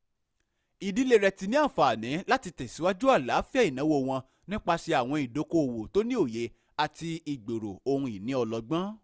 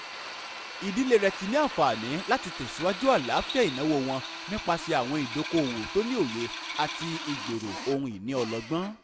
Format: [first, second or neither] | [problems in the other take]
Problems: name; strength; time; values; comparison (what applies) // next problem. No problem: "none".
first | background sound (Drill); 9 dB below the speech